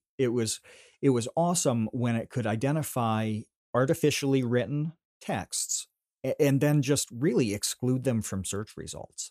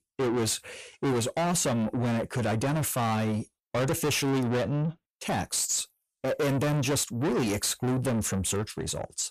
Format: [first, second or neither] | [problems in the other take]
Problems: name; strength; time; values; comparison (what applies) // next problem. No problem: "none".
first | distortion; heavy; 6 dB below the speech